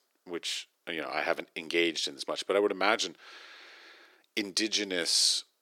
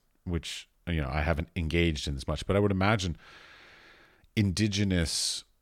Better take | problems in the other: second | thin; very; fading below 350 Hz

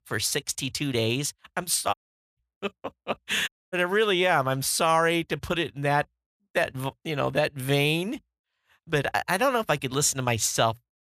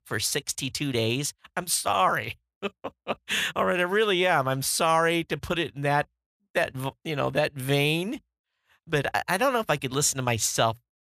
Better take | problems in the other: second | audio cutting out; at 2 s and at 3.5 s

